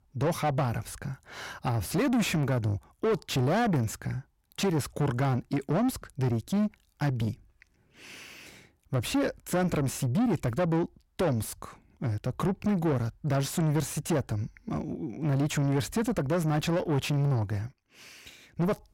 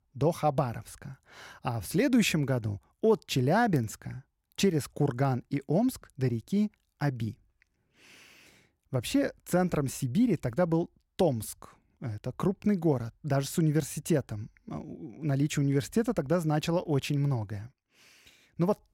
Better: second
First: distortion; heavy; 8 dB below the speech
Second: none

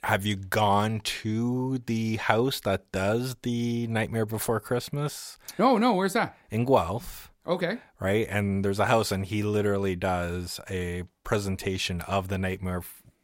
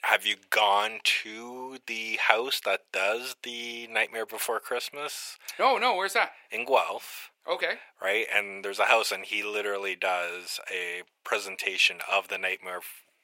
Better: first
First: none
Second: thin; very; fading below 500 Hz

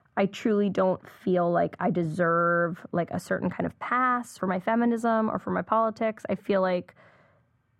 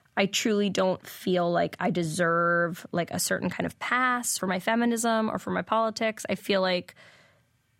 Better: second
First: muffled; very; fading above 2.5 kHz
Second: none

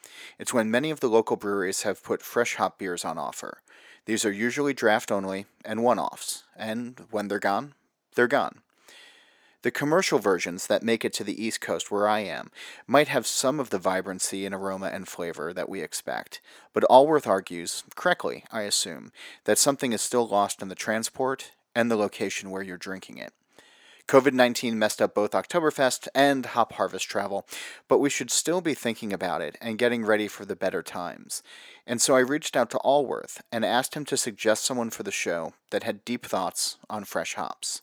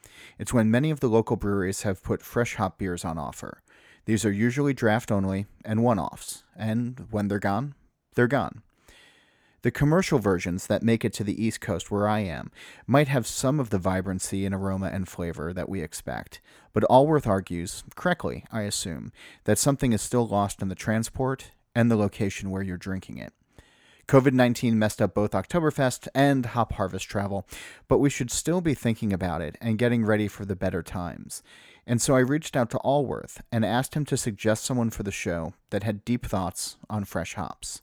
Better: second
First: thin; somewhat; fading below 350 Hz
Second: none

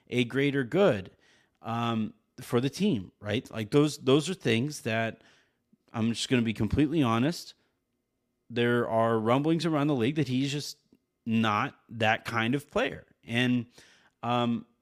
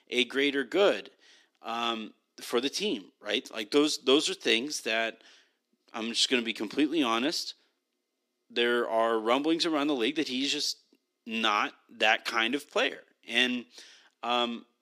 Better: first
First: none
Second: thin; very slightly; fading below 300 Hz

